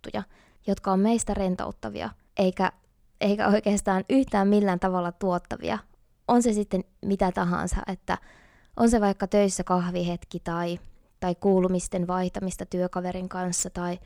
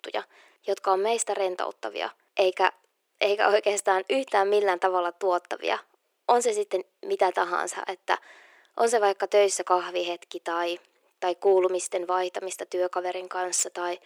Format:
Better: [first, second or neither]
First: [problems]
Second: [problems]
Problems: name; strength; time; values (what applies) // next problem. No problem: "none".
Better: first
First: none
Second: thin; very; fading below 350 Hz